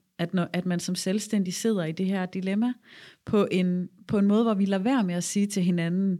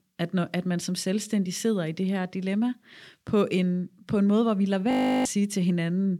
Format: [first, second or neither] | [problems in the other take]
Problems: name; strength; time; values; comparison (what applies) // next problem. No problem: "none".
first | audio freezing; at 5 s